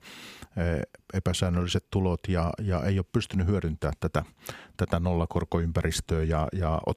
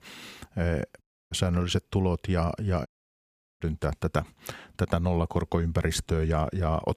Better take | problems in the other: first | audio cutting out; at 1 s and at 3 s for 0.5 s

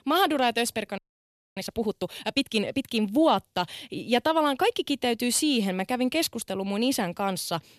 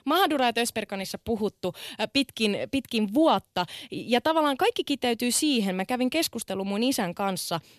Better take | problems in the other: second | audio freezing; at 1 s for 0.5 s

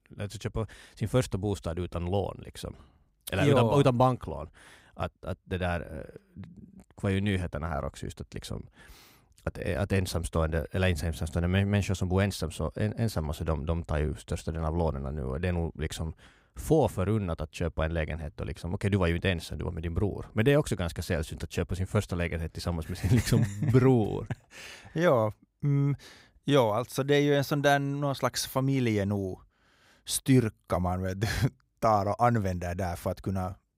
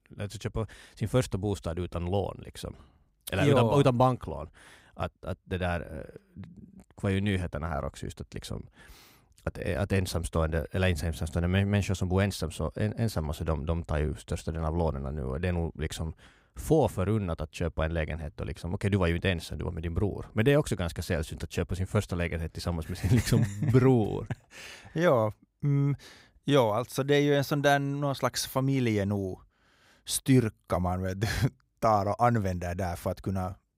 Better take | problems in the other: neither | none

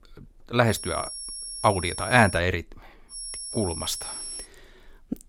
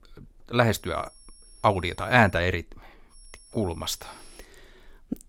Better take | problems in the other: second | high-pitched whine; loud; from 0.5 to 2.5 s and from 3 to 4.5 s; 10.5 kHz, 9 dB below the speech; faint in the second

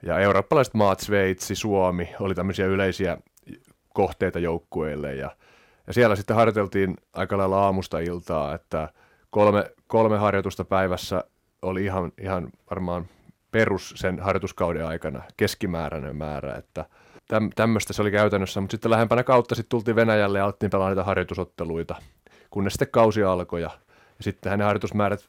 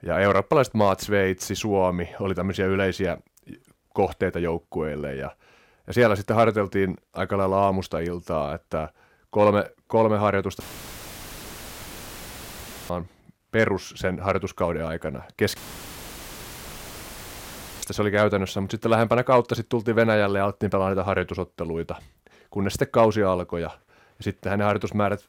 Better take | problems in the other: first | audio cutting out; filled with static; at 11 s for 2.5 s and at 16 s for 2.5 s

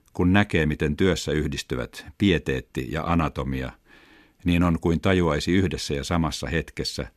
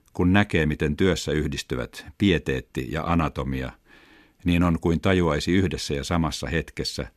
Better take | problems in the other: neither | none

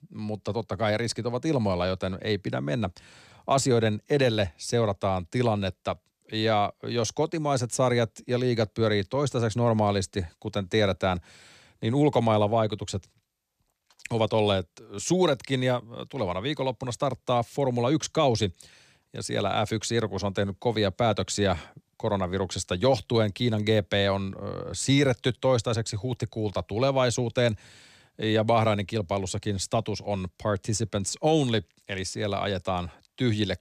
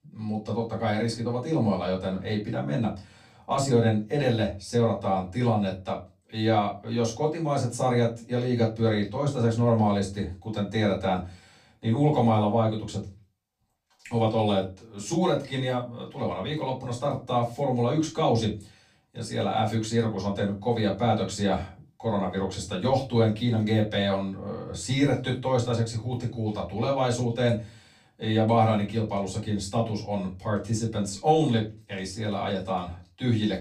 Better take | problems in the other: first | off-mic speech; far // room echo; slight; dies away in 0.3 s

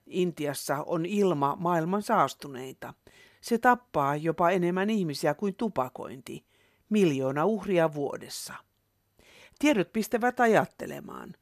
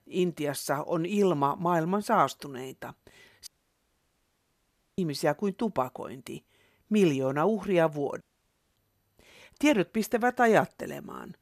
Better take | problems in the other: first | audio cutting out; at 3.5 s for 1.5 s and at 8 s for 0.5 s

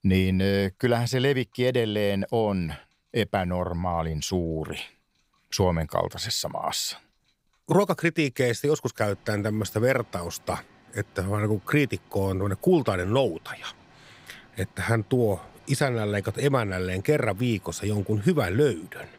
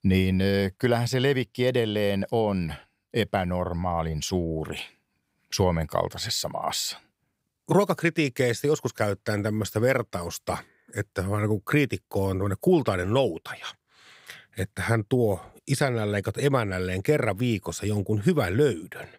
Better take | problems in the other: second | rain or running water; faint; throughout; 30 dB below the speech

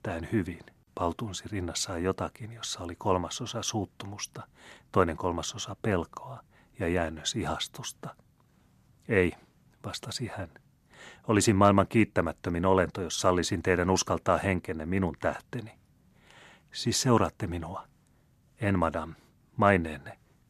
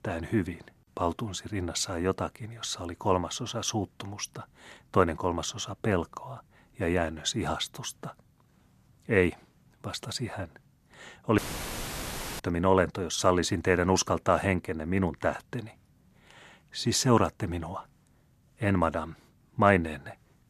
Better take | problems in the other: first | audio cutting out; filled with static; at 11 s for 1 s

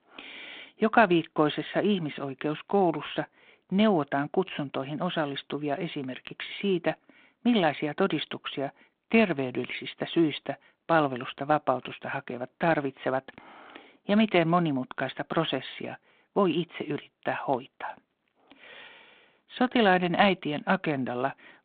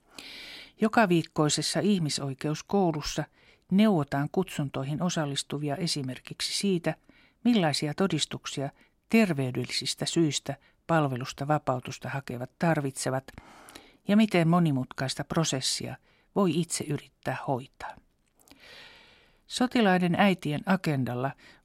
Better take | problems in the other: second | phone-call audio; nothing above 3.5 kHz

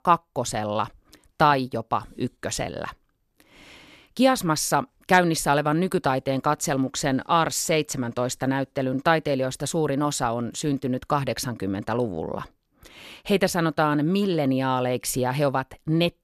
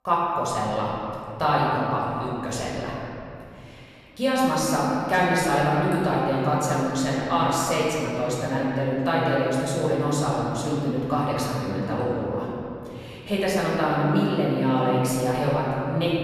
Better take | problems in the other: first | off-mic speech; far // room echo; strong; dies away in 2.7 s

